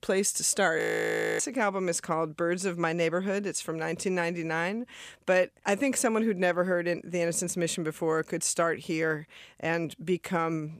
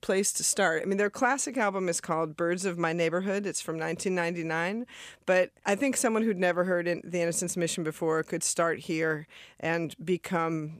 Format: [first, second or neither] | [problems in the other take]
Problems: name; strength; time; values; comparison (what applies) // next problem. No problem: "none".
second | audio freezing; at 1 s for 0.5 s